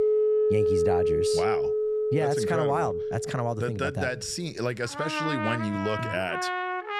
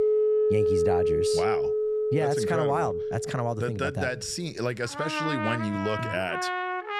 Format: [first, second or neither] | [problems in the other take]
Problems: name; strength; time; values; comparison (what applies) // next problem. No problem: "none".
neither | background music; very loud; throughout; 3 dB above the speech; the same in both